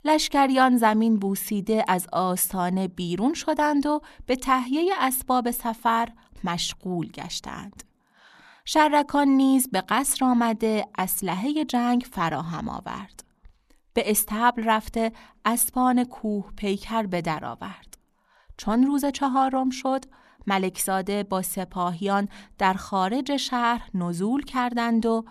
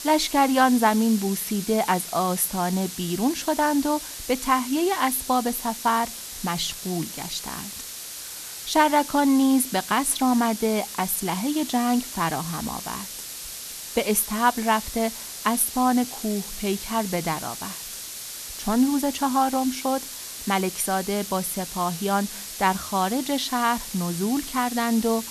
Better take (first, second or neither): first